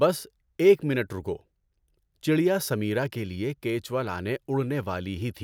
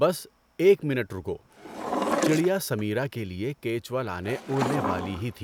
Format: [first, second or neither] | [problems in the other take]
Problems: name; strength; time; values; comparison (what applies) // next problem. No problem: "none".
first | background sound (Drawer open or close); 6 dB below the speech